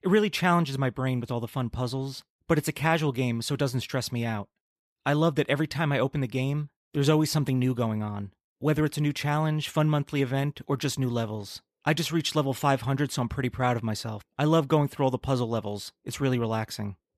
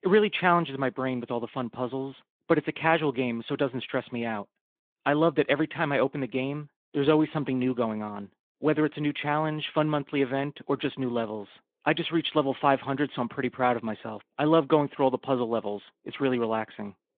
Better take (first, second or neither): first